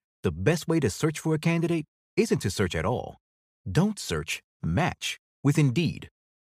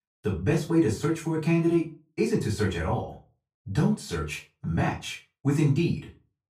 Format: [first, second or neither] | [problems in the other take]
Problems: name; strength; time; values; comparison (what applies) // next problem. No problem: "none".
first | off-mic speech; far // room echo; slight; dies away in 0.2 s